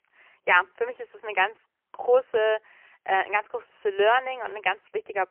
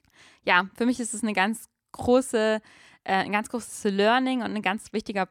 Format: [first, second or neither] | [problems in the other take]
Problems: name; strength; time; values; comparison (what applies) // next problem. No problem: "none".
second | phone-call audio; poor line; nothing above 3 kHz